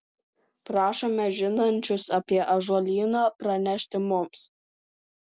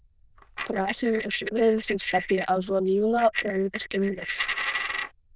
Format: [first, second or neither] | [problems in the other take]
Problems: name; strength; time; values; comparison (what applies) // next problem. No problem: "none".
first | noise reduction (neural diffusion model UNIVERSE++)